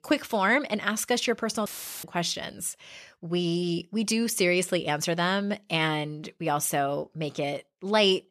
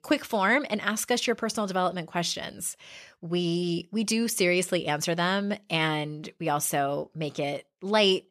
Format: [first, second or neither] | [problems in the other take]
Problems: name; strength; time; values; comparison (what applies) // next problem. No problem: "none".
second | audio cutting out; filled with static; at 1.5 s